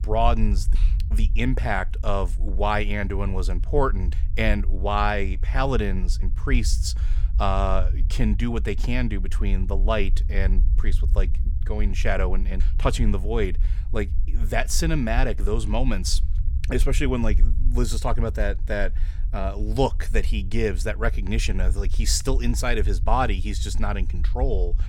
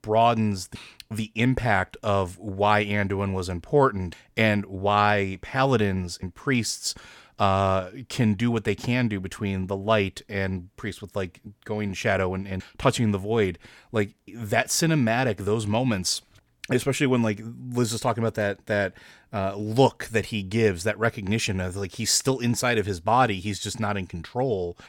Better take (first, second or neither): second